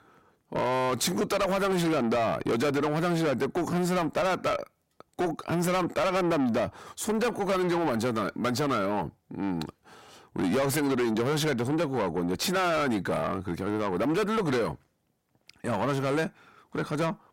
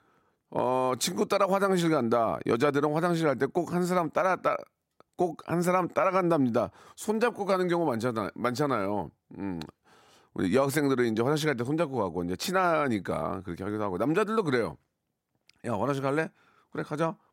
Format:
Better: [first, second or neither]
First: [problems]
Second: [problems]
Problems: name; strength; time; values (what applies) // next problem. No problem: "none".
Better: second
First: distortion; heavy; 7 dB below the speech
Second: none